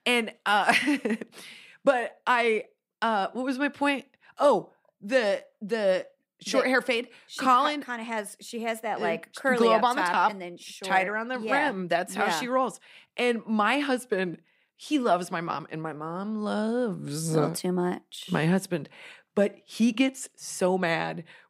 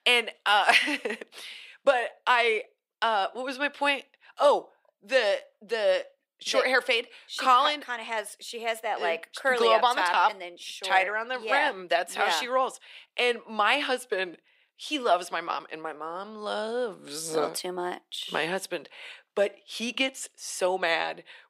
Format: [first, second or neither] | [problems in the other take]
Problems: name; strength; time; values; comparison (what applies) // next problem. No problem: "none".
first | thin; somewhat; fading below 500 Hz